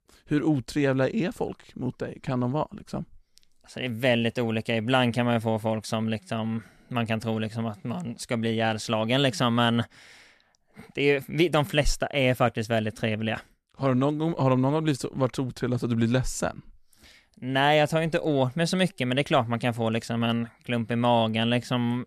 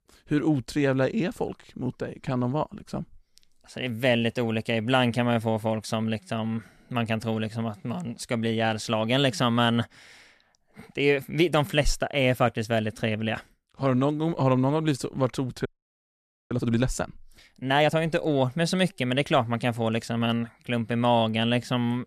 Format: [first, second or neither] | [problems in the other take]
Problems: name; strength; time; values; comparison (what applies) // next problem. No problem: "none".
first | audio freezing; at 16 s for 1 s